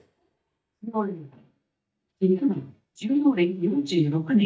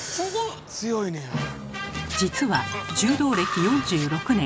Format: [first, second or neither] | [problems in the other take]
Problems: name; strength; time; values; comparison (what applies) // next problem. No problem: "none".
second | noise reduction (neural mask model DeepFilterNet 3)